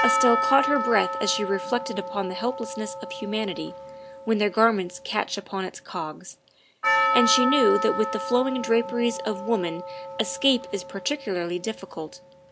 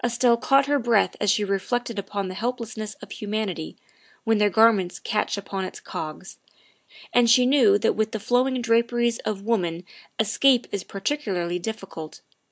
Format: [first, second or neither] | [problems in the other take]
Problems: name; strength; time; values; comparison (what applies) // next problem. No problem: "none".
second | background sound (Percussion); 4 dB below the speech